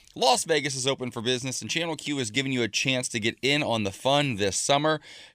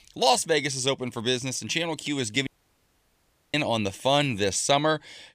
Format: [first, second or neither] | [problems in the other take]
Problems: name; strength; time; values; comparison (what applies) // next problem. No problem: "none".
first | audio cutting out; at 2.5 s for 1 s